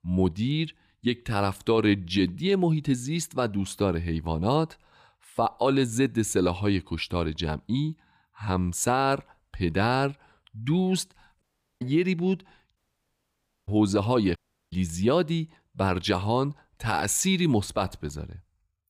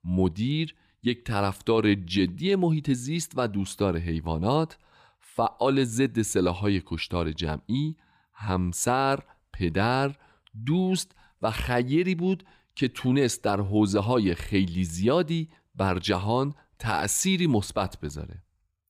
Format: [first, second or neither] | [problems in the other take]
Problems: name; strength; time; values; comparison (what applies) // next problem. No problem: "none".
second | audio cutting out; at 11 s, at 13 s for 1 s and at 14 s